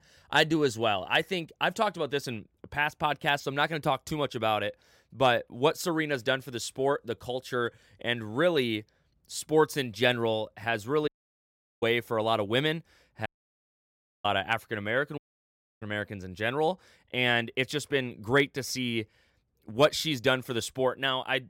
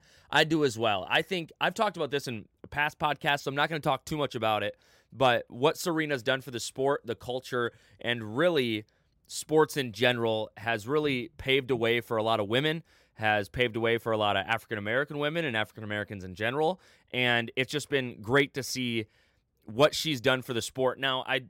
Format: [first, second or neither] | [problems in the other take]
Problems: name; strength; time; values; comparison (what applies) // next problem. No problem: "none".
second | audio cutting out; at 11 s for 0.5 s, at 13 s for 1 s and at 15 s for 0.5 s